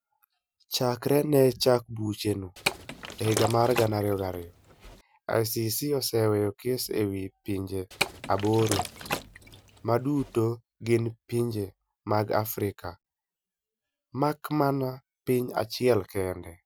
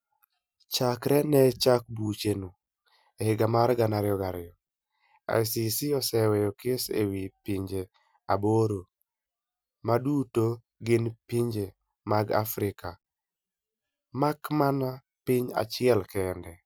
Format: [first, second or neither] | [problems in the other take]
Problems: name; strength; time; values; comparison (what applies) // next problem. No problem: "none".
second | background sound (Liquid); 7 dB below the speech